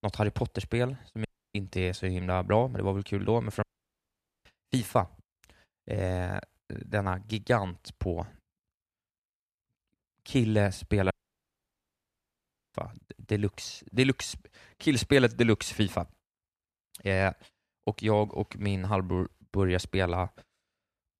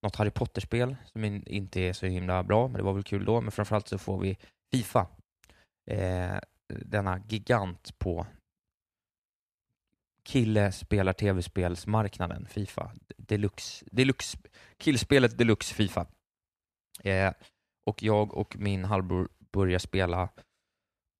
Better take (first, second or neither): second